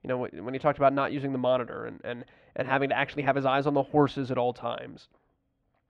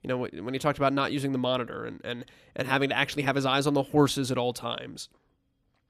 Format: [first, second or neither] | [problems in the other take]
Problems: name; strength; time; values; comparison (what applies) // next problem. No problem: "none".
second | muffled; very; fading above 2 kHz